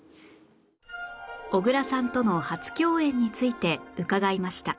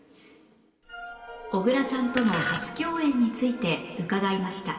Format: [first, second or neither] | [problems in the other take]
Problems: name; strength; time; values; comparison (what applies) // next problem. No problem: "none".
first | background sound (Fart); 5 dB below the speech // room echo; dies away in 3 s